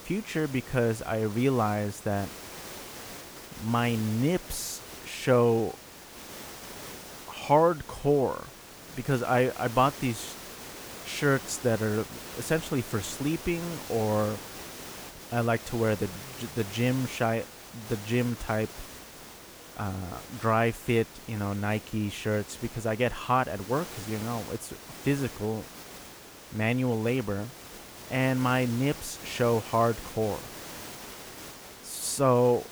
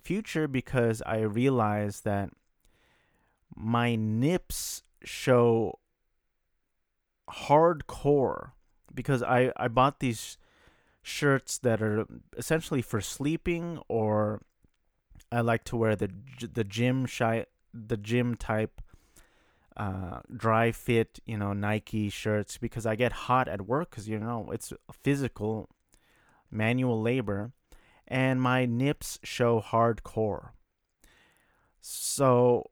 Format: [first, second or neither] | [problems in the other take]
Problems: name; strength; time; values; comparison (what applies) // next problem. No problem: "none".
second | hiss; noticeable; throughout; 15 dB below the speech